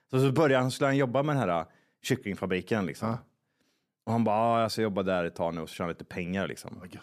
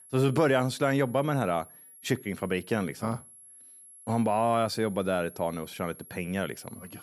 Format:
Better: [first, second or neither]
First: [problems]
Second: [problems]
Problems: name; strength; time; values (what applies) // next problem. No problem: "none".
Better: first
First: none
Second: high-pitched whine; noticeable; throughout; 11 kHz, 20 dB below the speech